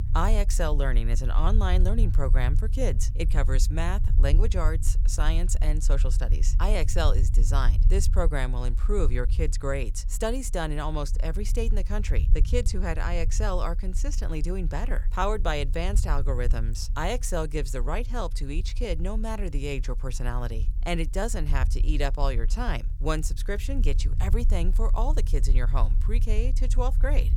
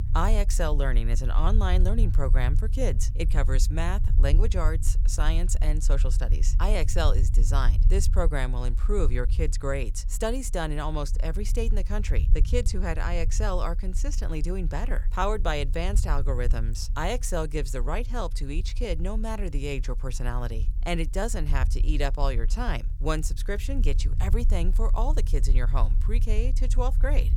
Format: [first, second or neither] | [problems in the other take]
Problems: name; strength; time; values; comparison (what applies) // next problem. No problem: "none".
neither | low rumble; noticeable; throughout; 15 dB below the speech; the same in both